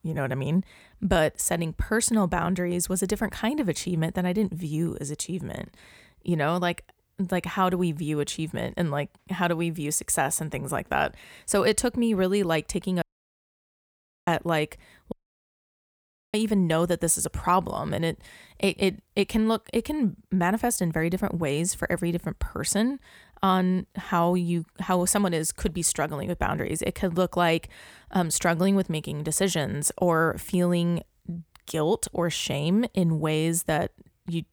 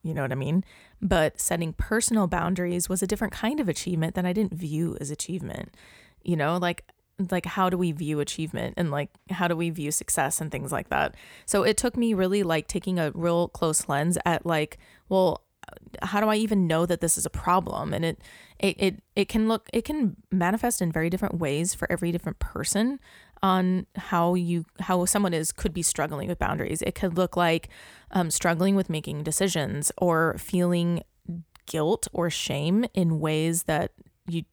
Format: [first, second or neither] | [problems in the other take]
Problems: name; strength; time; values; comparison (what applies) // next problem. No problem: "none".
second | audio cutting out; at 13 s for 1.5 s and at 15 s for 1 s